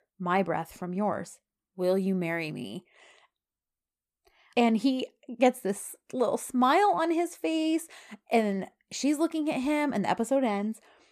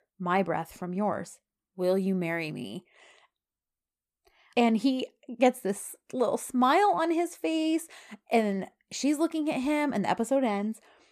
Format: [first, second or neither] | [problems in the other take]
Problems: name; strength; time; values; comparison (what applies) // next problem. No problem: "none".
neither | none